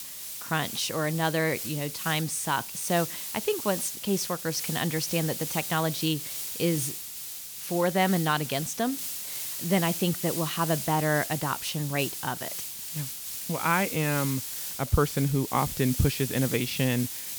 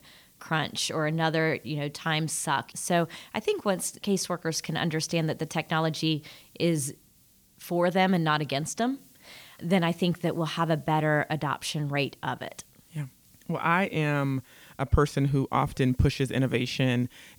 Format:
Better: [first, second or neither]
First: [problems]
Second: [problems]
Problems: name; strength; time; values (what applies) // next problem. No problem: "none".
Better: second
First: hiss; loud; throughout; 5 dB below the speech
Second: hiss; faint; throughout; 30 dB below the speech